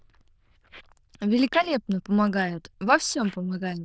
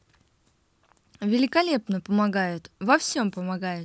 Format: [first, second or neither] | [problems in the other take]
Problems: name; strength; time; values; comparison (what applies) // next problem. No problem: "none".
second | noise reduction (neural diffusion model UNIVERSE++)